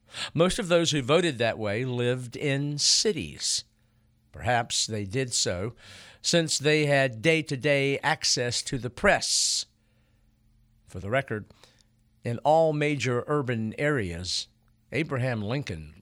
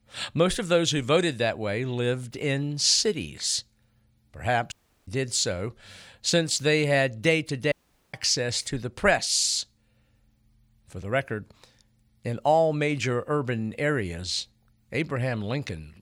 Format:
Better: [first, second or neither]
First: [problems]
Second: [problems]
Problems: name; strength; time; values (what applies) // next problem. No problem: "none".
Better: first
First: none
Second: audio cutting out; at 4.5 s and at 7.5 s